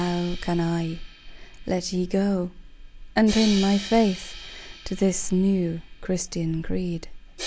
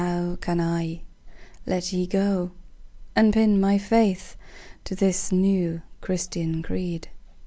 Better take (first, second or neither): second